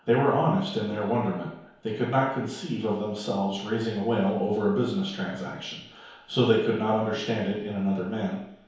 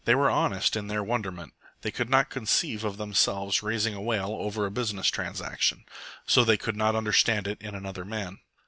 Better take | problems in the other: second | room echo; dies away in 1 s

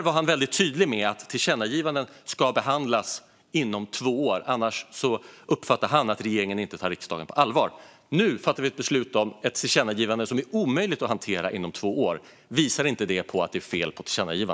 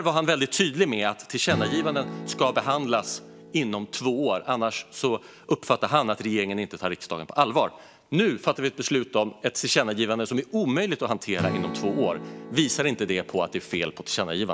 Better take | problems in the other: first | background sound (Strum); 13 dB below the speech

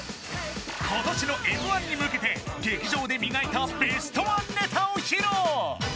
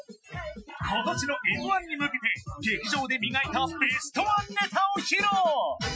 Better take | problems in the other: first | noise reduction (classical method Wiener filter)

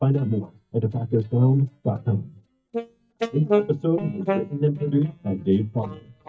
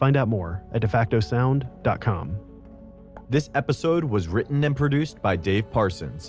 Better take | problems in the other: second | noise reduction (neural mask model DeepFilterNet 3)

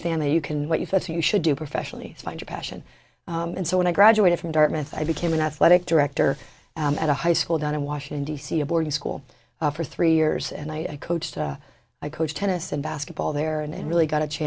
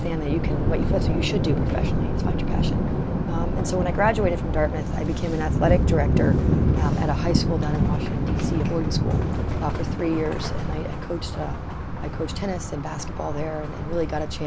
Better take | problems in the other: first | background sound (Thunder); 5 dB above the speech

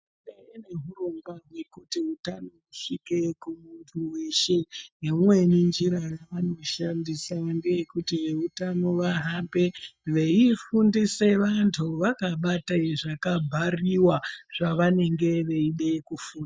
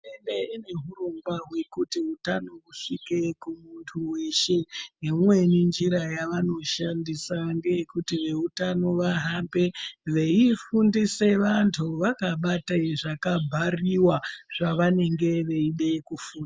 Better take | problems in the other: second | noise reduction (neural mask model DeepFilterNet 3)

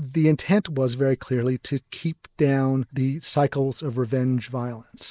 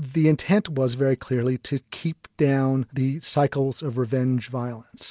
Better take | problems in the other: second | noise reduction (neural mask model Resemble Enhance denoiser)

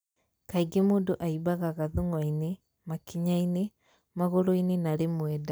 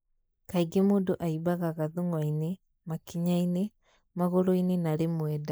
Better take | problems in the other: first | noise reduction (neural mask model Resemble Enhance denoiser)

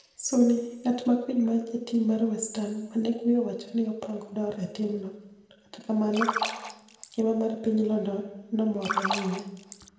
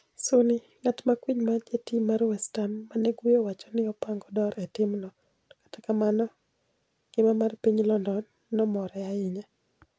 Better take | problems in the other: second | background sound (Splash, splatter); 4 dB below the speech // room echo; dies away in 0.9 s

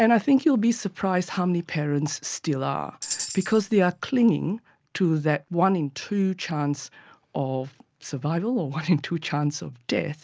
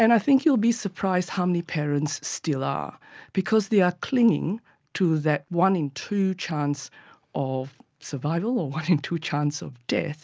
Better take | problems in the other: second | background sound (Tambourine); 11 dB below the speech

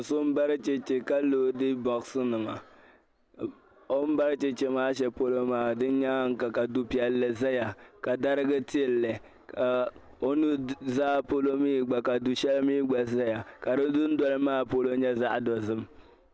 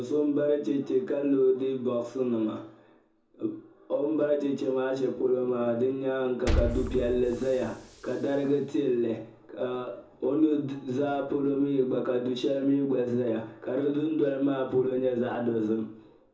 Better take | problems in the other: first | background sound (Liquid); 7 dB below the speech // room echo; dies away in 0.6 s

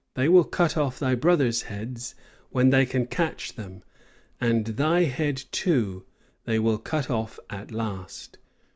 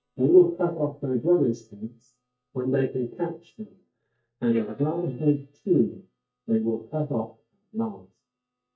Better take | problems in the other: first | noise reduction (neural mask model DeepFilterNet 3)

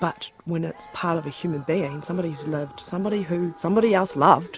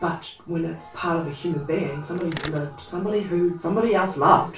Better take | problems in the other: first | background sound (Mechanisms); 12 dB below the speech // room echo; dies away in 0.3 s

